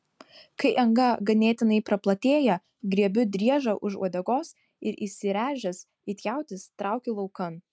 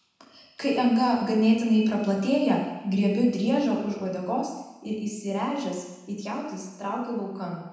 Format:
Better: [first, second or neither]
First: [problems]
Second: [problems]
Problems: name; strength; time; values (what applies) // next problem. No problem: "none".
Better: first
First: none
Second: room echo; dies away in 1 s